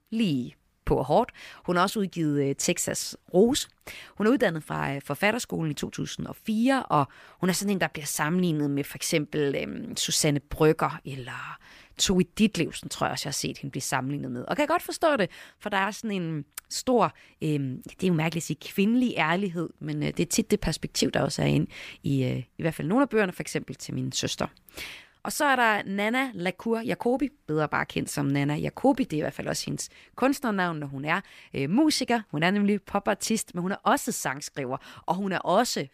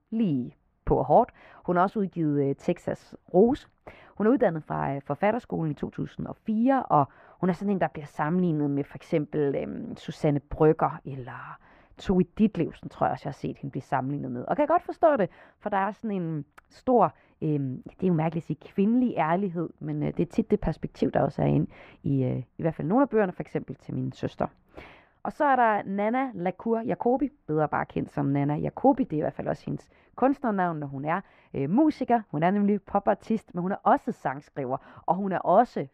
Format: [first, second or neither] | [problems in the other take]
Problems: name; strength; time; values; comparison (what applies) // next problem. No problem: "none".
first | muffled; very; fading above 3 kHz